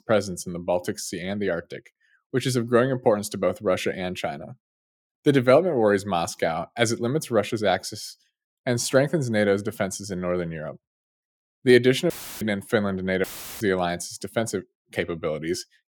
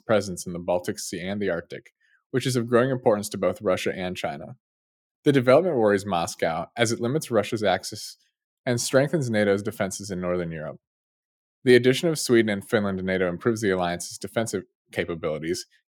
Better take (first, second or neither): second